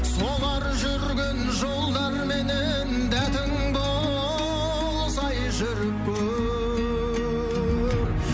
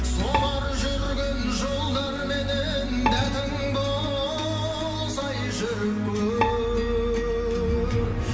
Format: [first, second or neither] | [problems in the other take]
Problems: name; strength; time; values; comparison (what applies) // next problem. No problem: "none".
first | background sound (Bowed string instrument); 9 dB below the speech // room echo; dies away in 1.9 s